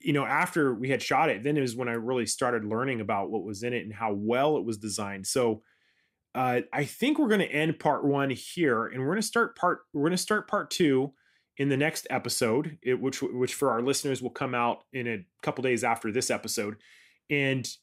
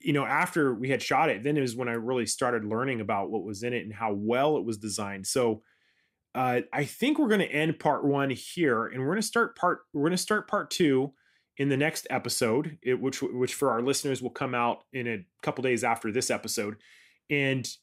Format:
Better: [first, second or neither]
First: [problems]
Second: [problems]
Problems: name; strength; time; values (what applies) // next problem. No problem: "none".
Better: neither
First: none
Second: none